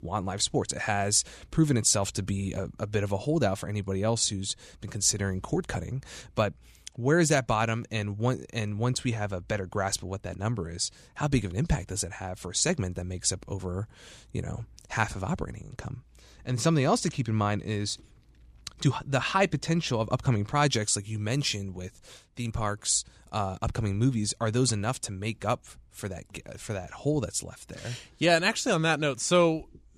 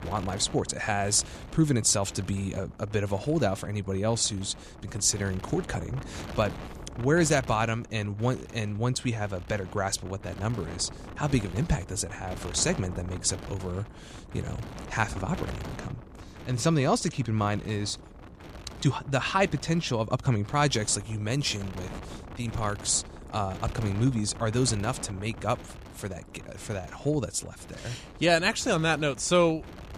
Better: first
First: none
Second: wind noise on the microphone; occasional gusts; 15 dB below the speech

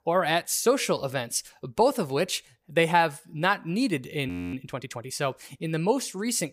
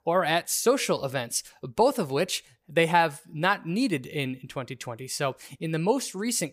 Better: second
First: audio freezing; at 4.5 s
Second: none

